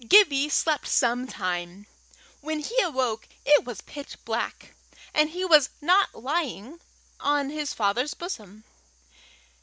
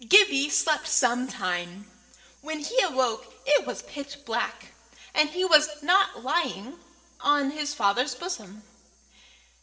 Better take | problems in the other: first | room echo; dies away in 1.8 s

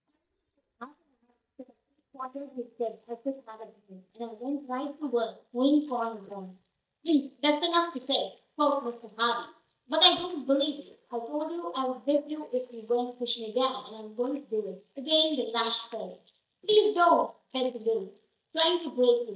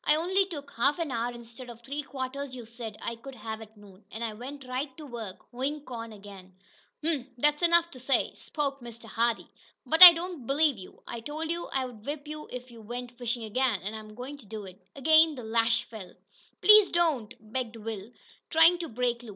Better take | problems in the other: second | noise reduction (neural mask model DeepFilterNet 3)

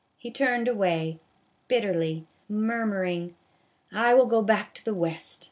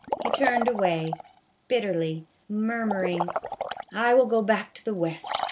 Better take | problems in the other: first | background sound (Liquid); 6 dB below the speech

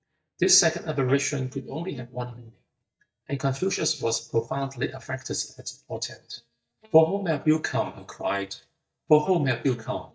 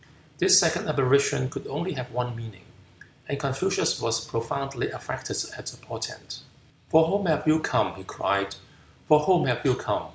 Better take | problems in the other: second | noise reduction (neural mask model DeepFilterNet 3)

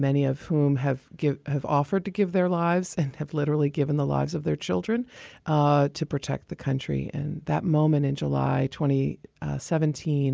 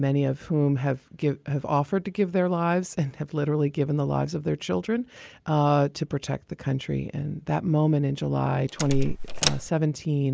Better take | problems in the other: first | noise reduction (neural mask model Resemble Enhance denoiser)

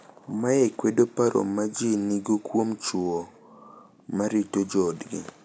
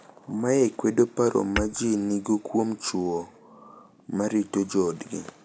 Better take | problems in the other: first | background sound (Tap / Hammer / Glass); 14 dB below the speech

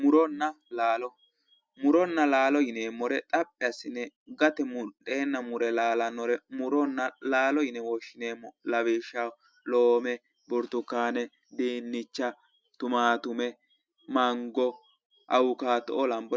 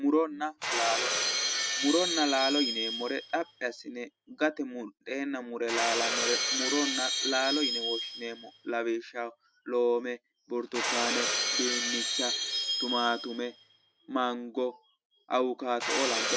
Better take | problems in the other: first | background sound (Shatter); 1 dB below the speech

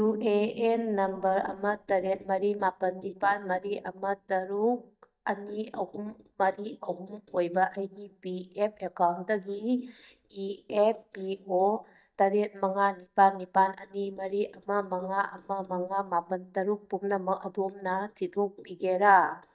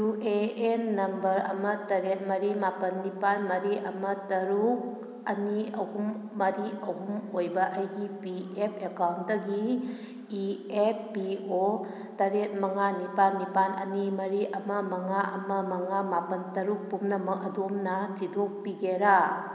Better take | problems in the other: second | noise reduction (neural mask model DeepFilterNet 3)

